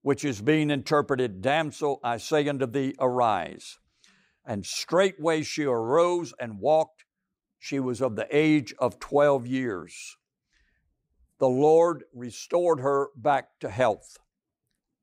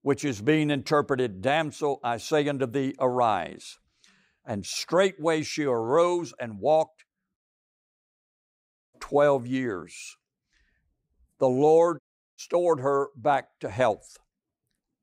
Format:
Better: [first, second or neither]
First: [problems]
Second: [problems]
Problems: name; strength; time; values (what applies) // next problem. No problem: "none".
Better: first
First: none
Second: audio cutting out; at 7.5 s for 1.5 s and at 12 s